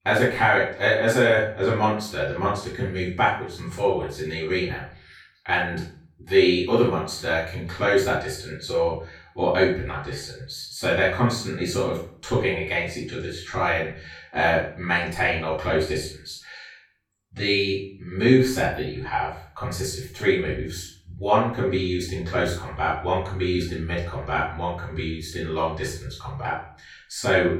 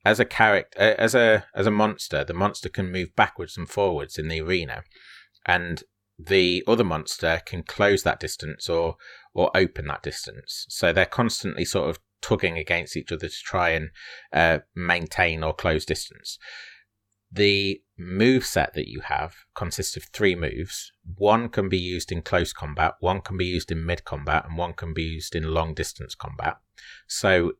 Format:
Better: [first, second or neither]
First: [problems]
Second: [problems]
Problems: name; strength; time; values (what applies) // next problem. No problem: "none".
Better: second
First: off-mic speech; far // room echo; noticeable; dies away in 0.4 s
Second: none